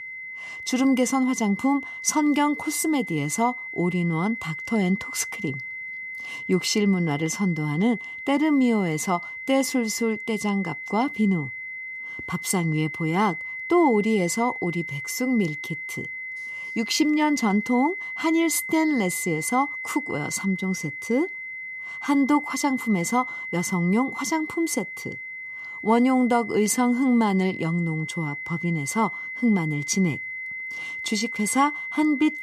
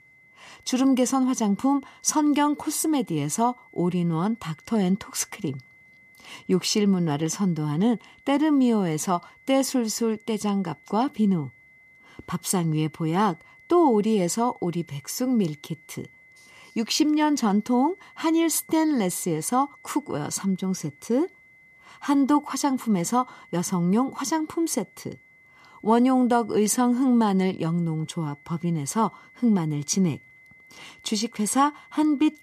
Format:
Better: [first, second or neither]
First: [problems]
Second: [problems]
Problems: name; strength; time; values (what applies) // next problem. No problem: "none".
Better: second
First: high-pitched whine; loud; throughout; 2 kHz, 8 dB below the speech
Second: high-pitched whine; faint; throughout; 2 kHz, 25 dB below the speech